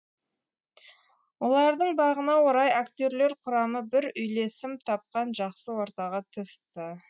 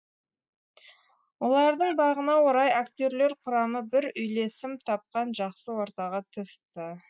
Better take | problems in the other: first | noise reduction (neural mask model Resemble Enhance denoiser)

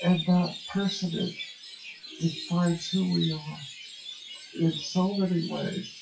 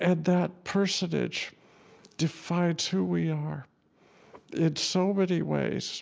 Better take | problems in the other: second | noise reduction (classical method WPE with log-MMSE)

